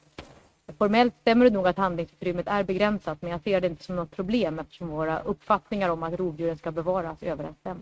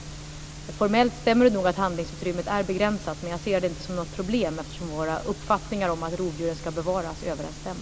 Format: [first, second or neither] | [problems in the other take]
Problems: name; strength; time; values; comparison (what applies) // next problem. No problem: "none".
second | noise reduction (neural mask model RNNoise)